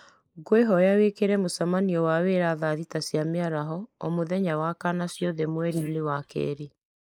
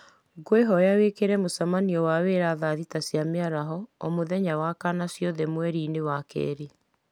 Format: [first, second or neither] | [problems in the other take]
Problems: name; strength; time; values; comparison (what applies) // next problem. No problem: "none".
second | noise reduction (neural mask model Resemble Enhance denoiser)